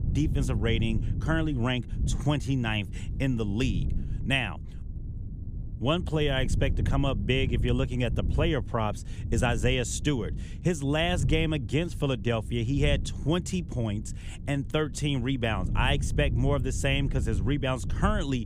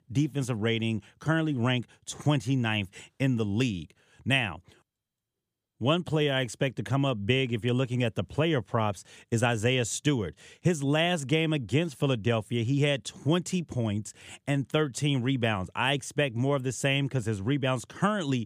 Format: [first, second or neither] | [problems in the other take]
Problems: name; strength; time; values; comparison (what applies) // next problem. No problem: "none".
second | wind noise on the microphone; occasional gusts; 15 dB below the speech